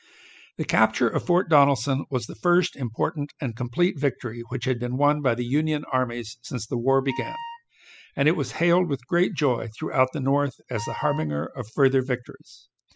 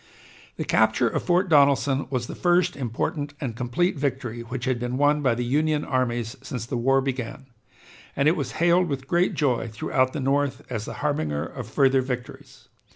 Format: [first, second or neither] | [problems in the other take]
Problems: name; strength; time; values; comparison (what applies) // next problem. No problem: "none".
second | noise reduction (classical method spectral subtraction)